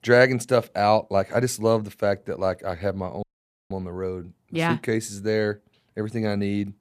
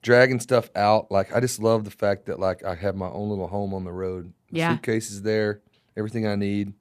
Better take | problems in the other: second | audio cutting out; at 3 s

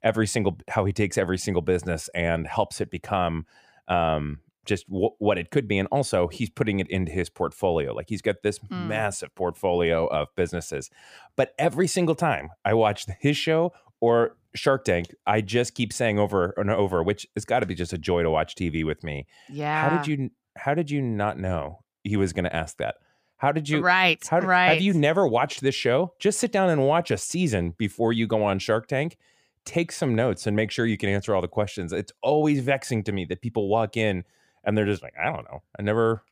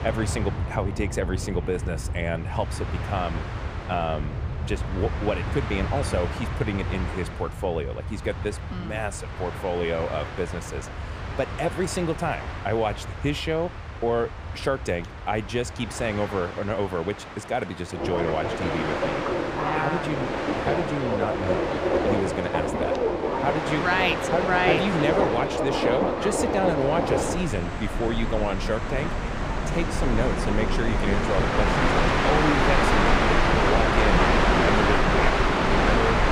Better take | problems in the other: first | train or aircraft noise; very loud; throughout; 2 dB above the speech

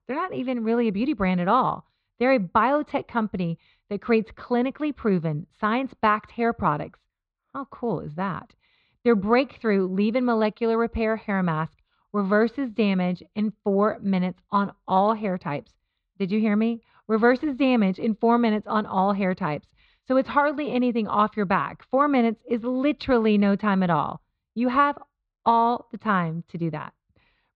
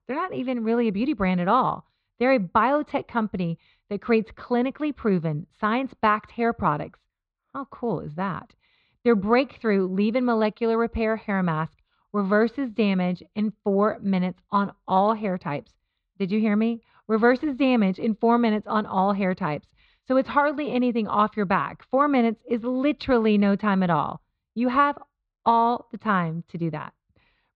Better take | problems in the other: neither | muffled; very slightly; fading above 4 kHz; the same in both

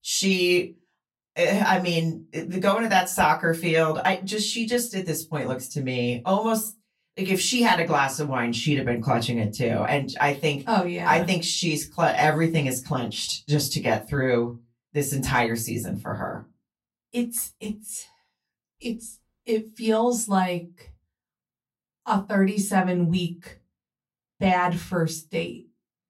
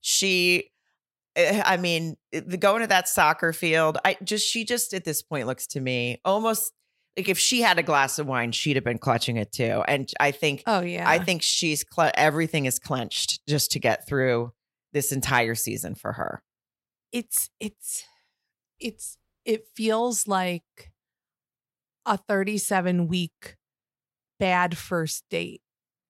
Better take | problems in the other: second | off-mic speech; far // room echo; very slight; dies away in 0.2 s

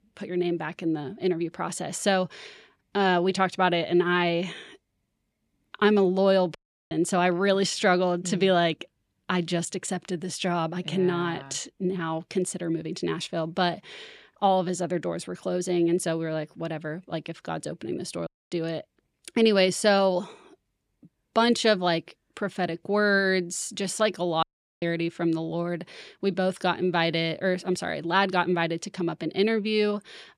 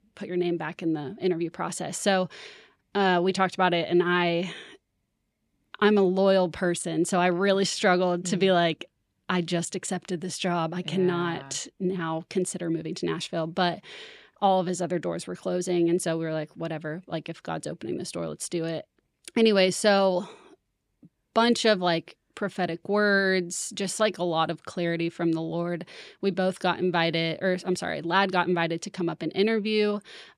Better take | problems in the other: second | audio cutting out; at 6.5 s, at 18 s and at 24 s

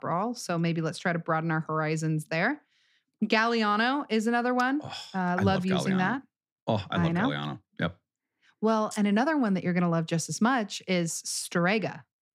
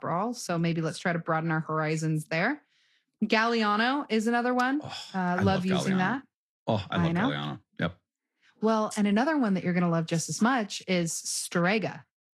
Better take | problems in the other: first | garbled, watery; slightly; nothing above 11.5 kHz

